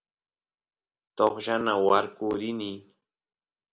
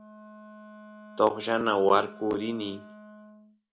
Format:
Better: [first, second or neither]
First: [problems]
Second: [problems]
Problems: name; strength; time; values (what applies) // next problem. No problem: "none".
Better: first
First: none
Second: background sound (Wind instrument, woodwind instrument); 19 dB below the speech